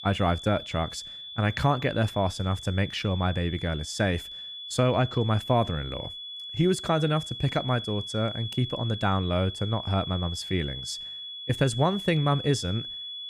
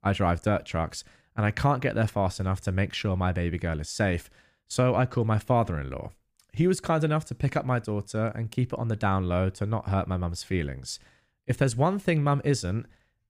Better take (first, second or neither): second